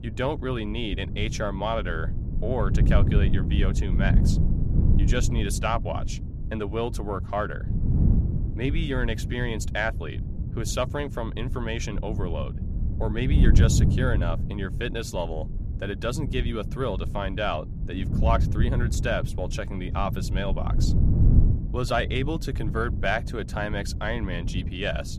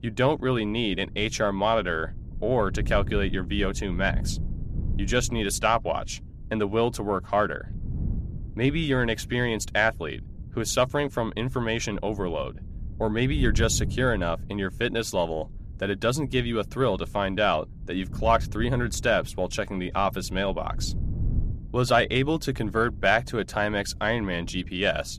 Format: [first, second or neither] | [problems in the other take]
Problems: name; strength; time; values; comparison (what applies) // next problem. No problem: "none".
second | wind noise on the microphone; heavy; 9 dB below the speech; occasional gusts in the second